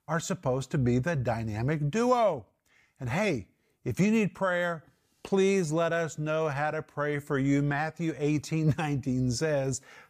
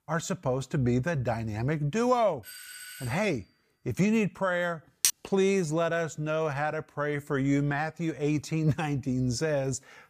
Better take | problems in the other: first | doorbell; faint; at 2.5 s; peak 10 dB below the speech // clattering dishes; loud; at 5 s; peak 2 dB above the speech

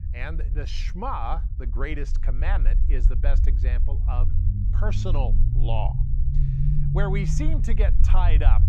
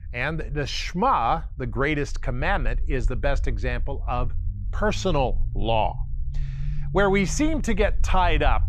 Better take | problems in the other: second | low rumble; loud; throughout; 7 dB below the speech; faint in the second

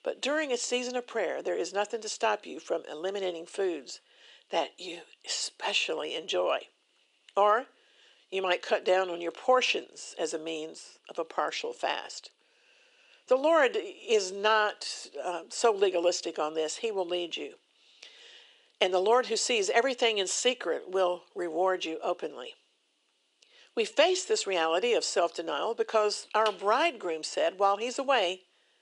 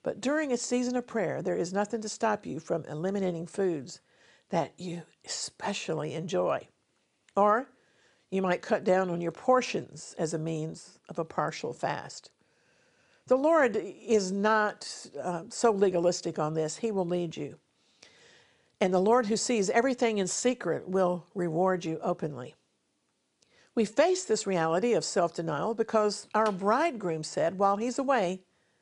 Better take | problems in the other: second | thin; somewhat; fading below 350 Hz

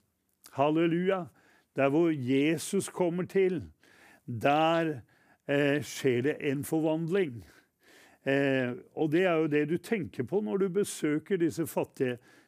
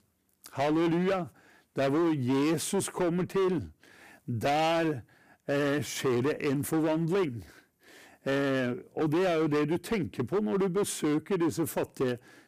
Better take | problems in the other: first | distortion; heavy; 16% of the sound clipped

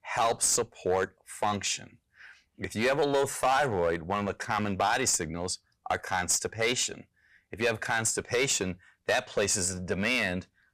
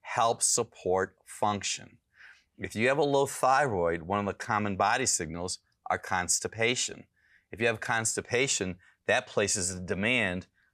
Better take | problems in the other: second | distortion; slight; 4% of the sound clipped

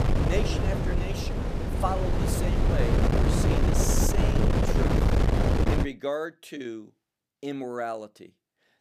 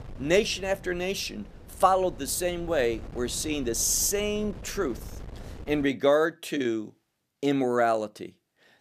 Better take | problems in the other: second | wind noise on the microphone; heavy; until 6 s; 3 dB above the speech; occasional gusts in the second

